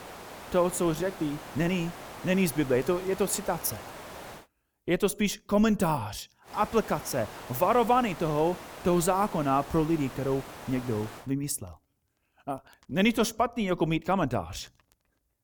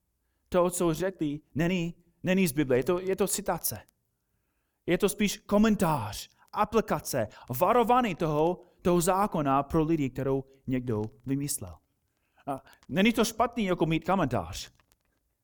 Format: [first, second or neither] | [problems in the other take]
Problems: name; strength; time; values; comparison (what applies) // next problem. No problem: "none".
second | hiss; noticeable; until 4.5 s and from 6.5 to 11 s; 15 dB below the speech